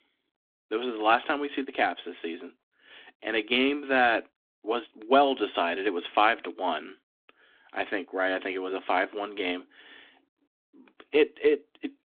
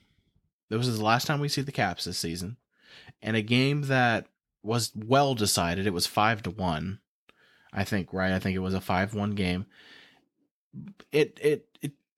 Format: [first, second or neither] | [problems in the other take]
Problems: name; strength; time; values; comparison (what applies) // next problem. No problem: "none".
second | phone-call audio; nothing above 3.5 kHz